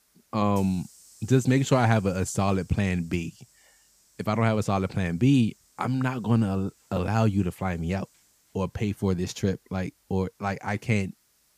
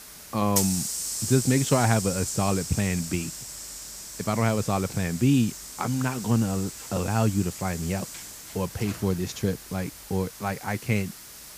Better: first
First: hiss; faint; throughout; 30 dB below the speech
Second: hiss; loud; throughout; 7 dB below the speech

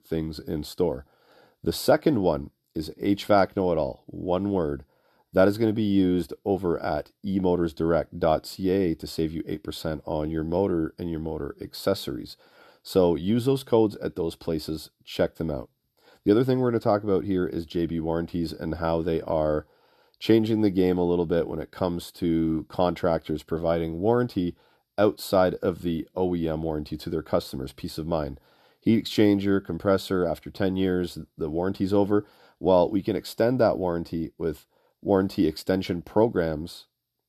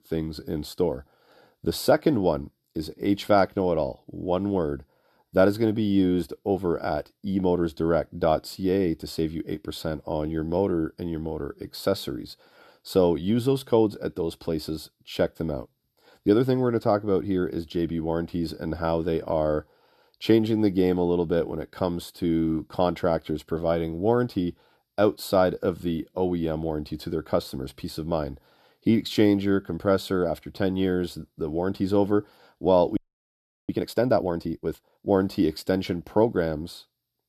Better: first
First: none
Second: audio freezing; at 33 s for 0.5 s

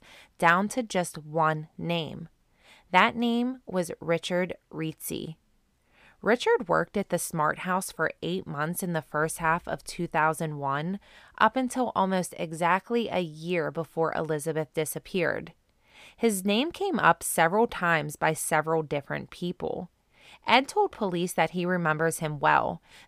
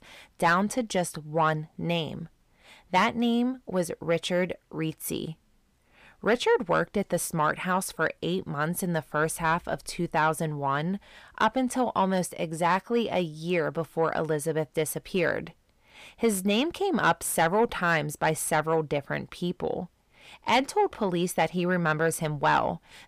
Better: first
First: none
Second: distortion; slight; 10 dB below the speech

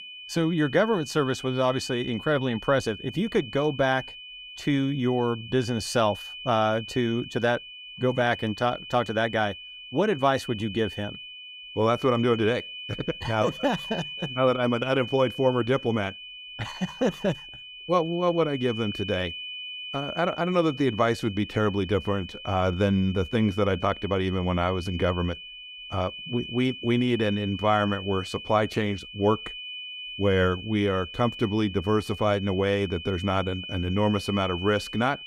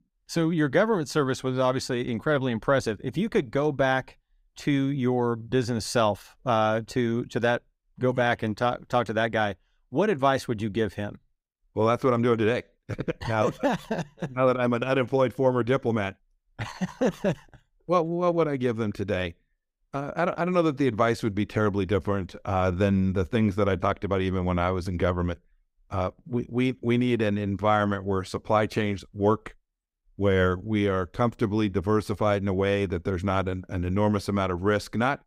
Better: second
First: high-pitched whine; noticeable; throughout; 3 kHz, 10 dB below the speech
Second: none

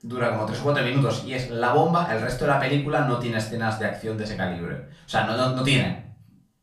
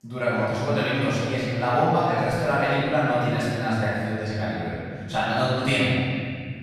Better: first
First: room echo; slight; dies away in 0.4 s // off-mic speech; far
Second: room echo; strong; dies away in 2.3 s // off-mic speech; far

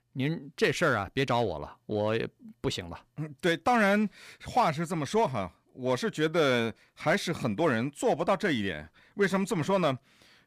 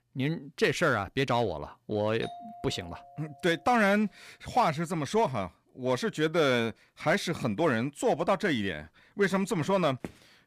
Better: first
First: none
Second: doorbell; faint; from 2 to 4 s; peak 15 dB below the speech // footsteps; faint; at 10 s; peak 15 dB below the speech

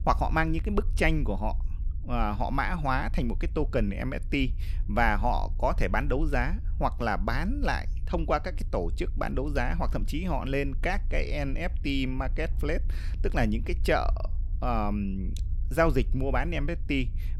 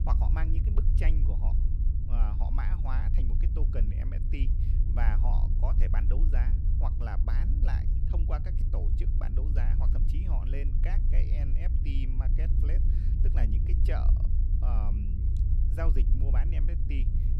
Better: first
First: low rumble; faint; throughout; 25 dB below the speech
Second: low rumble; loud; throughout; 3 dB below the speech

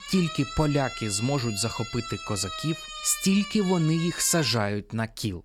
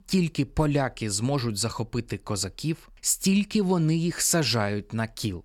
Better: second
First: siren; noticeable; until 4.5 s; peak 9 dB below the speech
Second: none

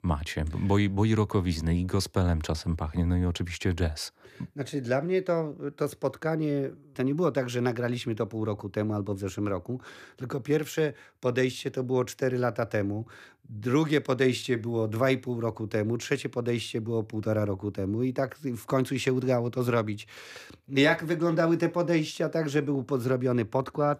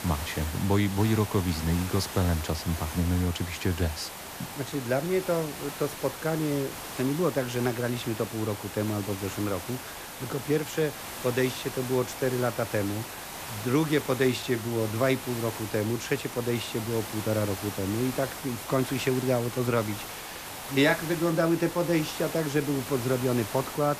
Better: first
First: none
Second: hiss; loud; throughout; 8 dB below the speech

